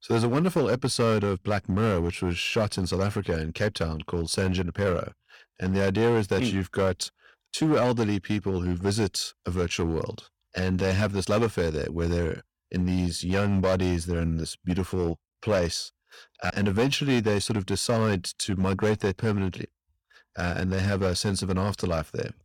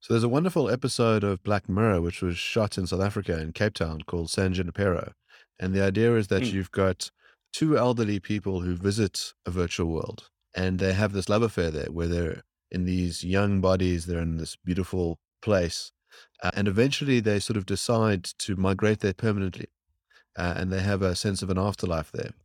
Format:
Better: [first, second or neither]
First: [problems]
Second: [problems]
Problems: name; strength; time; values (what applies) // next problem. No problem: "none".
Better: second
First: distortion; slight; 6% of the sound clipped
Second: none